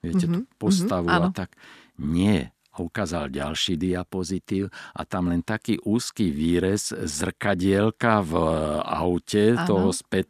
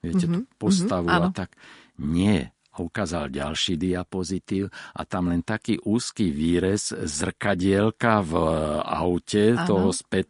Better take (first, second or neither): first